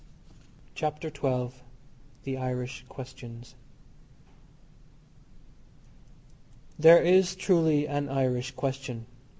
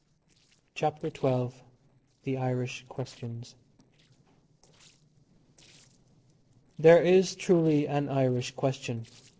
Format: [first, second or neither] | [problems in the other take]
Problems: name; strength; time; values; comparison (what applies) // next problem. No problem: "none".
first | noise reduction (neural separator model SepFormer DNS4)